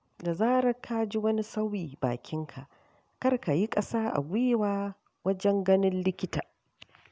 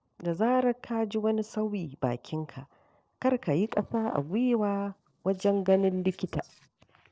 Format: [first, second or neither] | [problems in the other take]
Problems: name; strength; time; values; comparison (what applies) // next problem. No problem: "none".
first | noise reduction (neural separator model SepFormer DNS4)